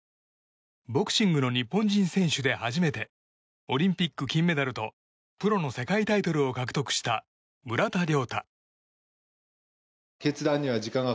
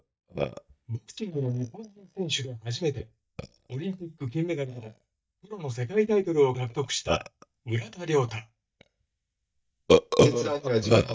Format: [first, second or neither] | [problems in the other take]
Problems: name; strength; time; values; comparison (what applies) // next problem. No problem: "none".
first | noise reduction (neural mask model DeepFilterNet 3)